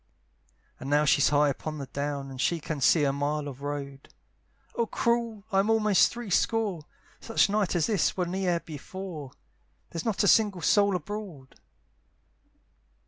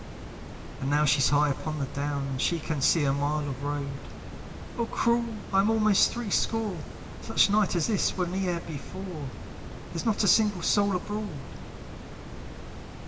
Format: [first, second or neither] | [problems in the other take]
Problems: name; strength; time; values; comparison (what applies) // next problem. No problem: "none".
first | background sound (Water); 10 dB below the speech // room echo; dies away in 1.4 s